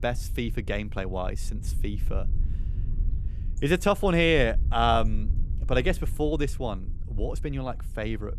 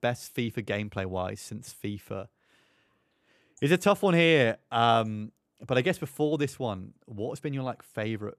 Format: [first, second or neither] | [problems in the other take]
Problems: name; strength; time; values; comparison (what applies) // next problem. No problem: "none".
second | low rumble; faint; throughout; 25 dB below the speech